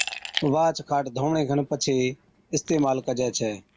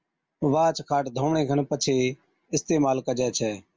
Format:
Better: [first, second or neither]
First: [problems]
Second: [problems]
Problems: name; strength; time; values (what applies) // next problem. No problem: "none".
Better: second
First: background sound (Glass); 13 dB below the speech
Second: none